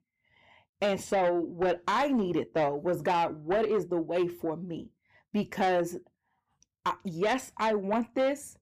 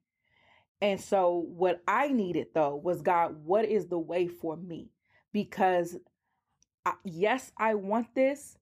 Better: second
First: distortion; slight; 10 dB below the speech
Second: none

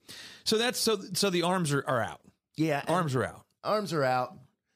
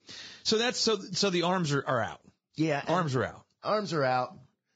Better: first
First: none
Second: garbled, watery; badly; nothing above 7.5 kHz

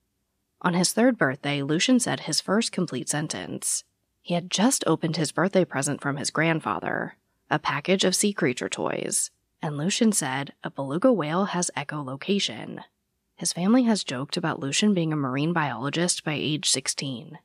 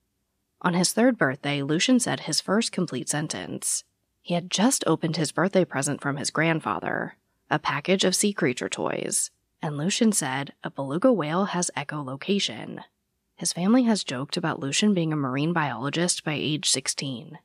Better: neither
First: none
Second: none

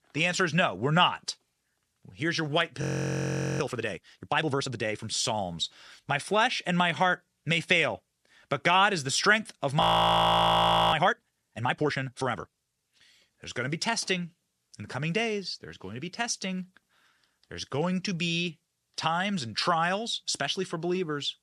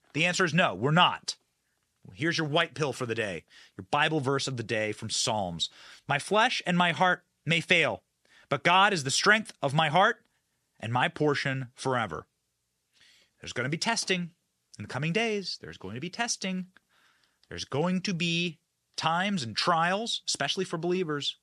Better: second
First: audio freezing; at 3 s for 1 s and at 10 s for 1 s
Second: none

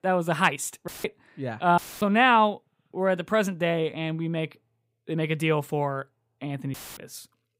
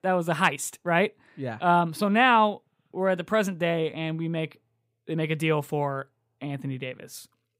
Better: second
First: audio cutting out; filled with static; at 1 s, at 2 s and at 6.5 s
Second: none

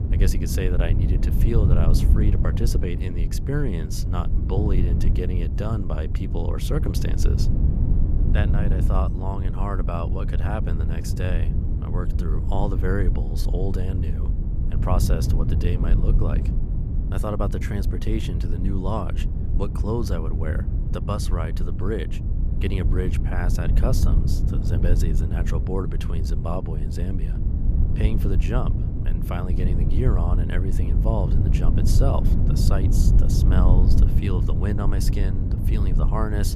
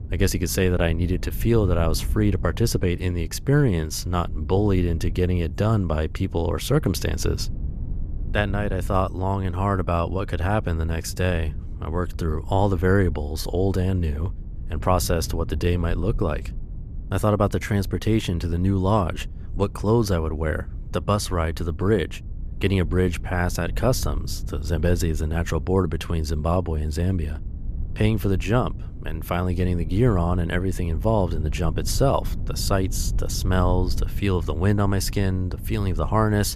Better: second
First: low rumble; loud; throughout; 4 dB below the speech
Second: low rumble; faint; throughout; 20 dB below the speech

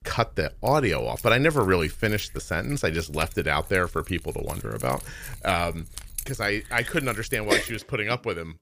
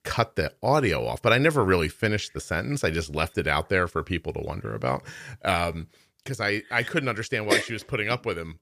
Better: second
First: jangling keys; noticeable; until 8 s; peak 9 dB below the speech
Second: none

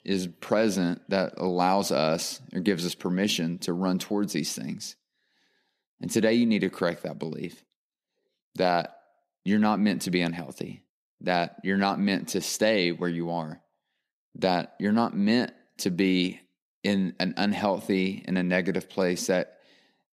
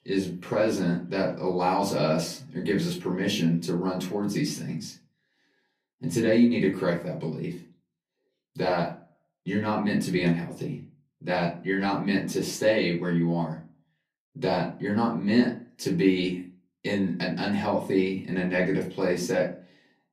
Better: first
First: none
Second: off-mic speech; far // room echo; slight; dies away in 0.3 s

